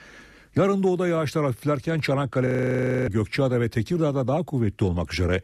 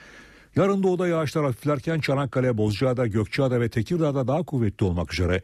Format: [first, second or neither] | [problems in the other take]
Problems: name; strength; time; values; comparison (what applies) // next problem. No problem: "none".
second | audio freezing; at 2.5 s for 0.5 s